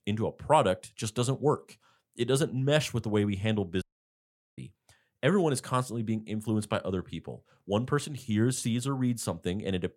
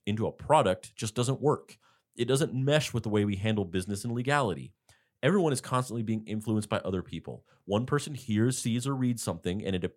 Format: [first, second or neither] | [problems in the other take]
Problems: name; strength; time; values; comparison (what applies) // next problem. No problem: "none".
second | audio cutting out; at 4 s for 1 s